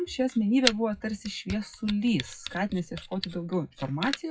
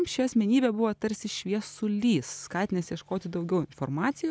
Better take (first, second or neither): second